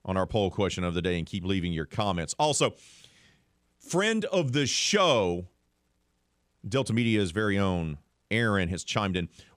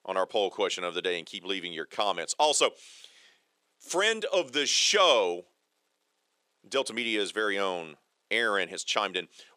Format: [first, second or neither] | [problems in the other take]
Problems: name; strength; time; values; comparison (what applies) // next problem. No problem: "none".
first | thin; very; fading below 400 Hz